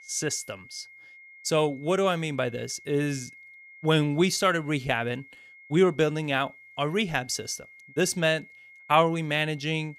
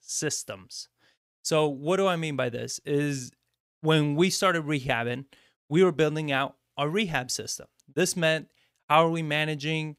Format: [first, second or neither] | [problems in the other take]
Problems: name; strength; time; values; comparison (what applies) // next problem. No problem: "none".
second | high-pitched whine; faint; throughout; 2 kHz, 20 dB below the speech